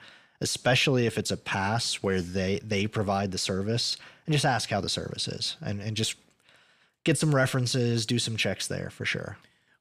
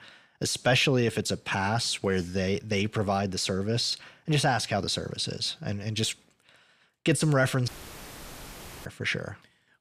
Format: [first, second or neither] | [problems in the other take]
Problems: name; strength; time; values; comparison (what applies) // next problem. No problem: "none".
first | audio cutting out; filled with static; at 7.5 s for 1 s